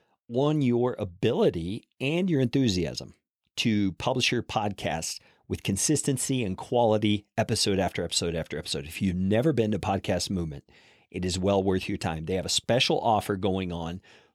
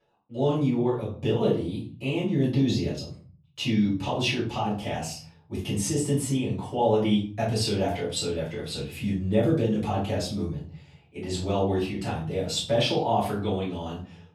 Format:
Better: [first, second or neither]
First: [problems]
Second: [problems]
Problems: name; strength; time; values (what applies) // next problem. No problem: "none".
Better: first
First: none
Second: off-mic speech; far // room echo; noticeable; dies away in 0.5 s